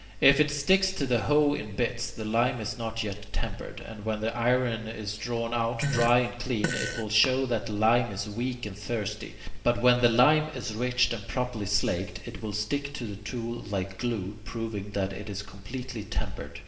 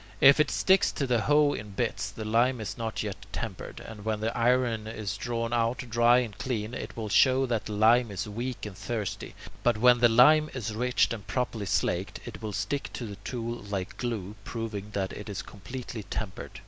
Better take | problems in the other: second | background sound (Fart); 6 dB below the speech // room echo; dies away in 1.8 s

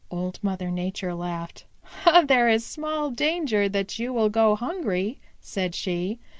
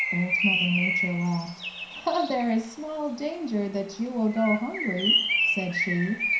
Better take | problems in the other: first | background sound (Bird); 1 dB below the speech // room echo; dies away in 0.5 s

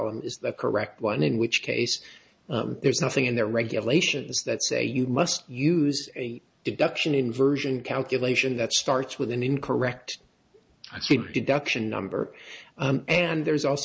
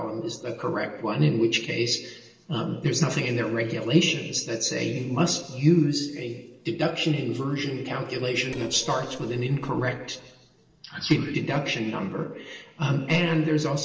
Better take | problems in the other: first | noise reduction (neural separator model SepFormer DNS4)

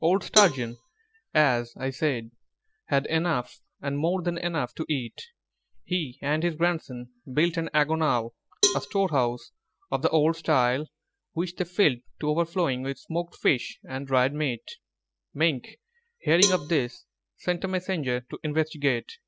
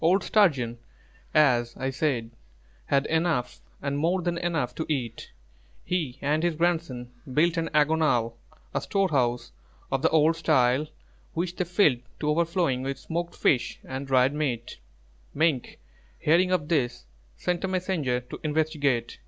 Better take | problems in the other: second | noise reduction (classical method spectral subtraction)

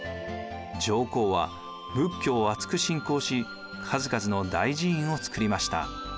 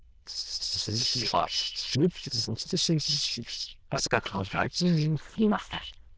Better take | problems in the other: first | noise reduction (neural diffusion model UNIVERSE++)

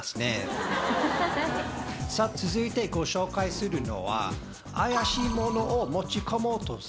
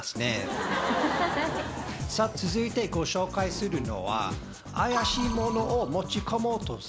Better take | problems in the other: second | background sound (Wind instrument, woodwind instrument); 17 dB below the speech

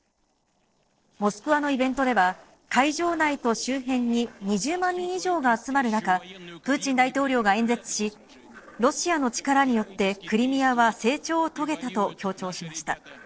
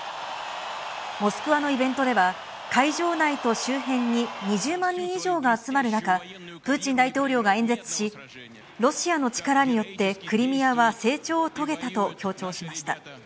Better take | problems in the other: second | noise reduction (neural separator model SepFormer DNS4)

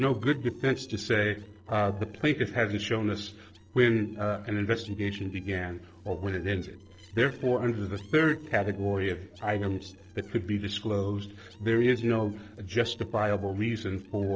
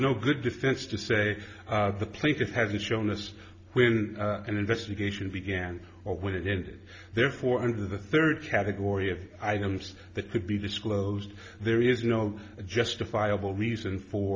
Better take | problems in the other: second | noise reduction (neural separator model SepFormer DNS4)

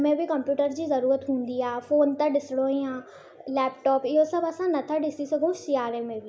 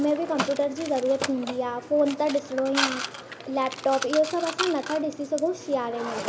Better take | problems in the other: first | background sound (Mechanisms); 8 dB below the speech

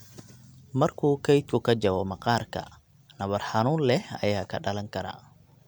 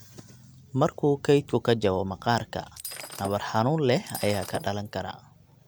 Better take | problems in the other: first | background sound (Shatter); 13 dB below the speech

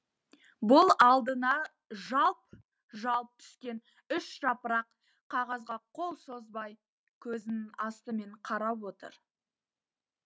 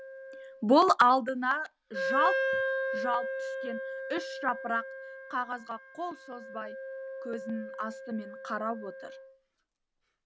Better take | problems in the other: first | background sound (Wind instrument, woodwind instrument); 5 dB below the speech

